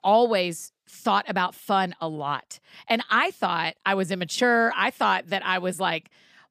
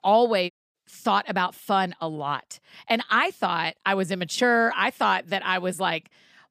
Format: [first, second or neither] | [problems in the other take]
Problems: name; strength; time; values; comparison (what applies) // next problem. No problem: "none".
first | audio cutting out; at 0.5 s